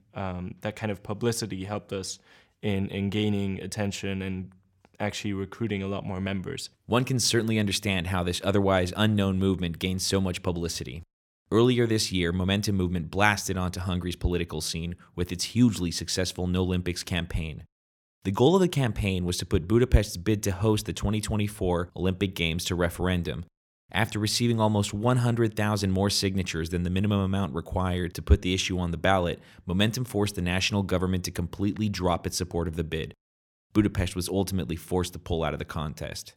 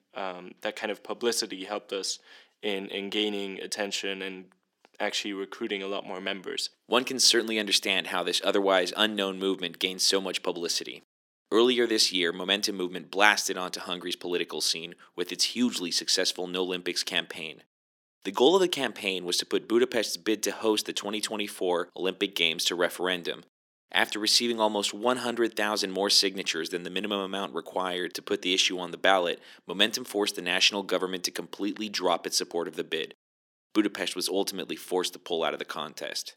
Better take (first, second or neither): first